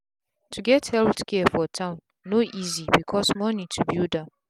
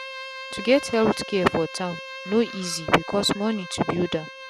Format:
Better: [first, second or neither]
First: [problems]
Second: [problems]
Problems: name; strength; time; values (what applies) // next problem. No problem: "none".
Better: first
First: none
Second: background sound (Bowed string instrument); 13 dB below the speech